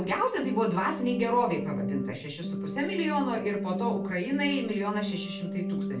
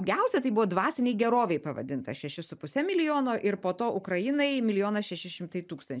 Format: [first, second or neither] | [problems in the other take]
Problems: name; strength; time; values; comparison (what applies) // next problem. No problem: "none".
second | background sound (Organ); 3 dB below the speech // room echo; dies away in 0.3 s